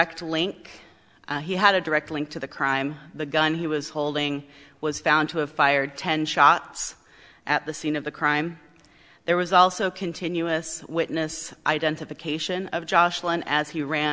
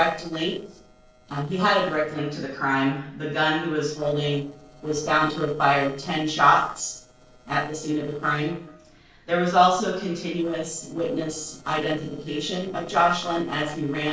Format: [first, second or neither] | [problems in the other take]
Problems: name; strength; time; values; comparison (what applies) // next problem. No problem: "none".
first | noise reduction (neural separator model SepFormer DNS4)